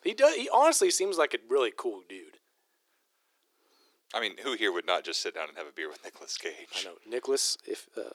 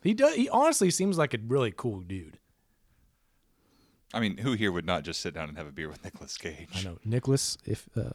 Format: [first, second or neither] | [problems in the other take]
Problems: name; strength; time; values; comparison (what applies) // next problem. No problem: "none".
second | thin; very; fading below 350 Hz